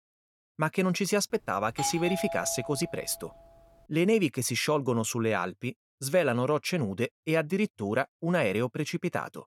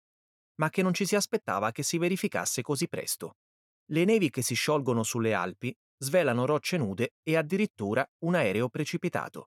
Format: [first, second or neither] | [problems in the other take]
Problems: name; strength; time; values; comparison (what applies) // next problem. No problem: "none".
second | doorbell; noticeable; from 2 to 3 s; peak 5 dB below the speech